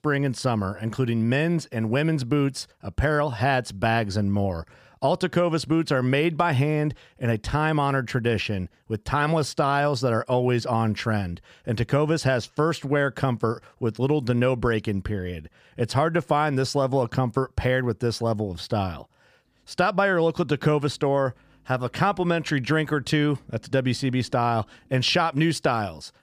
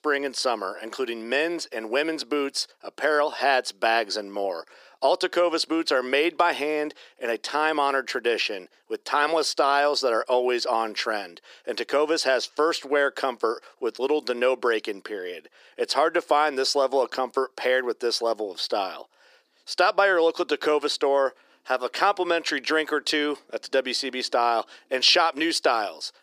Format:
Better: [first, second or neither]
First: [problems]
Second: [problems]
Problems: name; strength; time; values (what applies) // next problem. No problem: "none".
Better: first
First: none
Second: thin; very; fading below 350 Hz